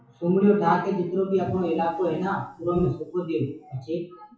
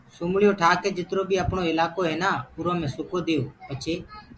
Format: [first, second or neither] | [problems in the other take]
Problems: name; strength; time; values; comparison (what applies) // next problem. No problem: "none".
second | noise reduction (classical method WPE with log-MMSE)